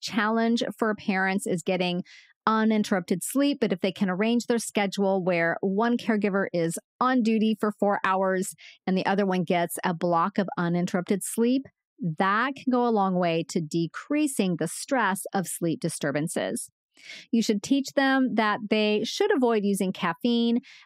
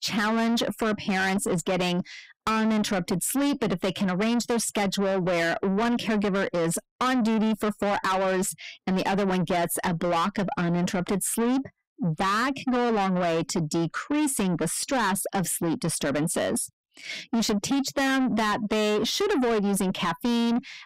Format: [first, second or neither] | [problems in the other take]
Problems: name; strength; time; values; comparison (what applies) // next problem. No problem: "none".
first | distortion; heavy; 7 dB below the speech